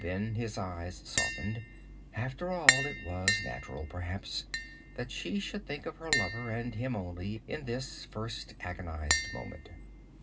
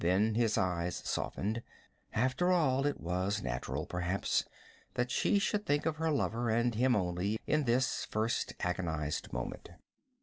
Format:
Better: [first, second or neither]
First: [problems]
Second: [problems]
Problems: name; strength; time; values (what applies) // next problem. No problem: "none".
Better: second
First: background sound (Tap); as loud as the speech // room echo; dies away in 0.2 s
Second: none